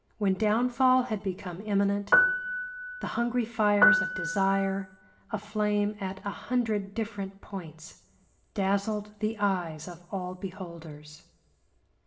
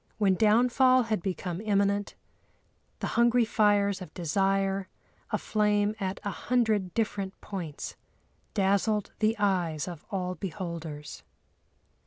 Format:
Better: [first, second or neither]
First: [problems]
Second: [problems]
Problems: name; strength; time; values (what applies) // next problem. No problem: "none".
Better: second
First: background sound (Piano); 1 dB above the speech // room echo; dies away in 0.7 s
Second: none